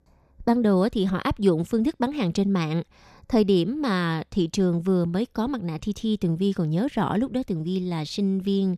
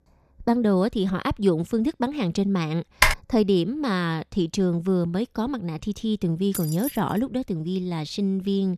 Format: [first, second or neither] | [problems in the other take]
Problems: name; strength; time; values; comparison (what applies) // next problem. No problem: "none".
first | keyboard typing; loud; at 3 s; peak 4 dB above the speech // jangling keys; noticeable; at 6.5 s; peak 7 dB below the speech